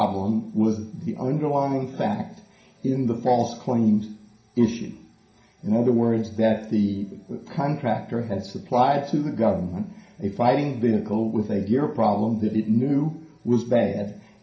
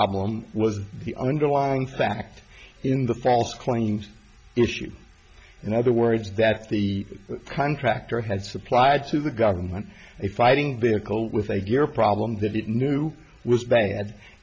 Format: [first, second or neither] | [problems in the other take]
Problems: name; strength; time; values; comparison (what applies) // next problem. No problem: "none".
second | room echo; dies away in 0.5 s